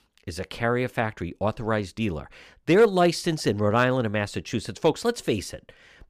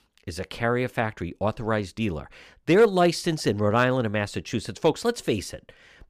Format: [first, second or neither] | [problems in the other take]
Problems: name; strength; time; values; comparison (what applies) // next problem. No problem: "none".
neither | none